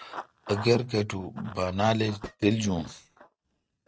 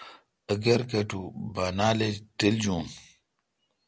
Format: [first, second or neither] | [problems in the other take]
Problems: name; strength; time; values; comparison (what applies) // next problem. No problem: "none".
second | noise reduction (neural mask model RNNoise)